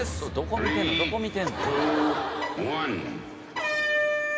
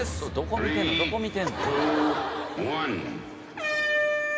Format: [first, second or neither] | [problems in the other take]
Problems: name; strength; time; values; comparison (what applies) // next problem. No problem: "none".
second | background sound (Bowed string instrument); 13 dB below the speech